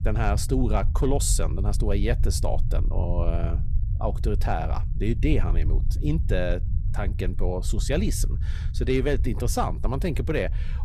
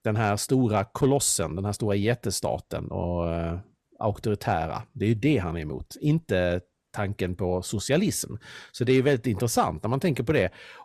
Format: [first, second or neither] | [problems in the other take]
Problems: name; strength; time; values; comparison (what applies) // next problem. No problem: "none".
second | low rumble; noticeable; throughout; 15 dB below the speech